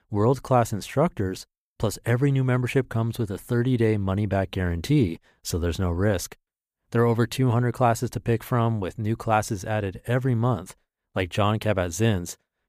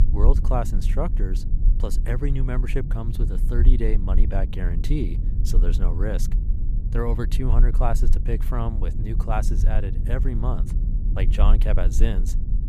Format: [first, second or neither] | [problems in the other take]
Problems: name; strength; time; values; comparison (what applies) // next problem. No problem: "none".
first | low rumble; loud; throughout; 10 dB below the speech